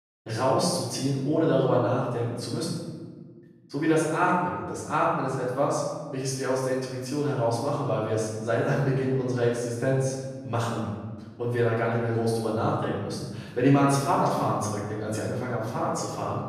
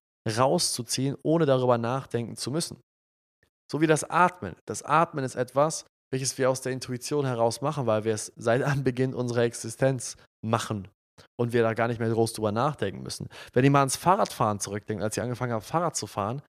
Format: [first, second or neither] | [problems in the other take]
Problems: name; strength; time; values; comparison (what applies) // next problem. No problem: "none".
second | off-mic speech; far // room echo; noticeable; dies away in 1.4 s